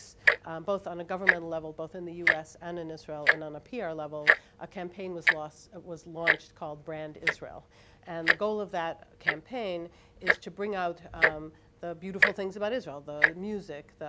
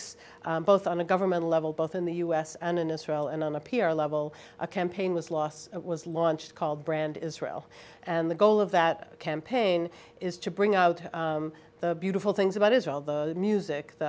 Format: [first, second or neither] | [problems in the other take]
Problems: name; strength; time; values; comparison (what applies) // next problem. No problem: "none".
second | background sound (Tick-tock); 5 dB above the speech